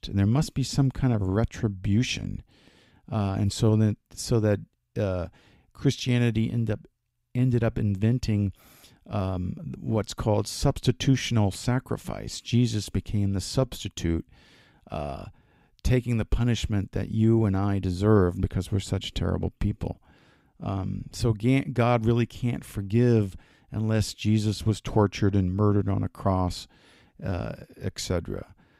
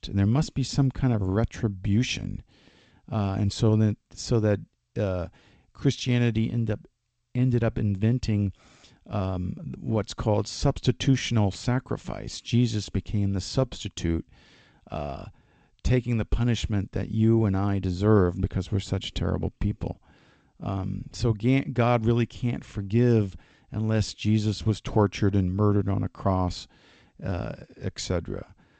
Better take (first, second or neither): first